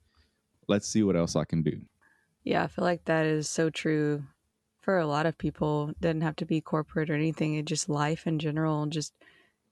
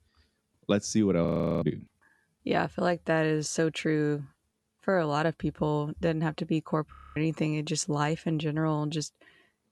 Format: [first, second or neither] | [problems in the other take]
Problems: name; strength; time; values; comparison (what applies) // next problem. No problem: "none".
first | audio freezing; at 1.5 s and at 7 s